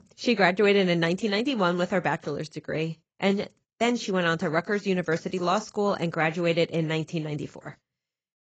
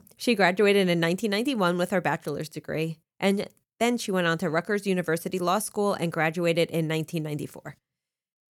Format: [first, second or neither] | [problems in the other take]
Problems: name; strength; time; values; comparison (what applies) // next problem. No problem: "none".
second | garbled, watery; badly; nothing above 7.5 kHz